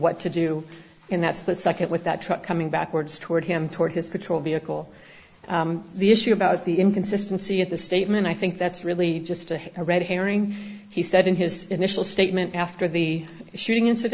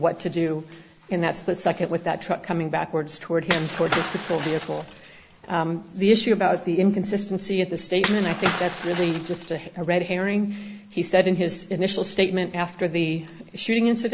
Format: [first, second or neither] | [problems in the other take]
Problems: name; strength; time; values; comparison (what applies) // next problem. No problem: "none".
first | background sound (Shatter / Crushing); 7 dB below the speech